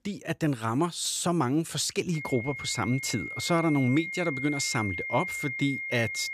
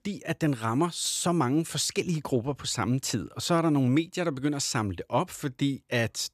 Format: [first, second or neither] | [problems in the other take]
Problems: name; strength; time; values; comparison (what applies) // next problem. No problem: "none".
second | high-pitched whine; loud; from 2 s on; 2 kHz, 5 dB below the speech